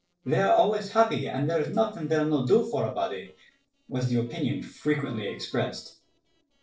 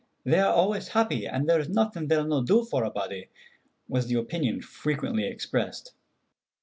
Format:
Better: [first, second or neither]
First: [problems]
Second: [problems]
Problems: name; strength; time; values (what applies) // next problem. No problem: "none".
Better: second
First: noise reduction (neural separator model SepFormer DNS4)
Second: none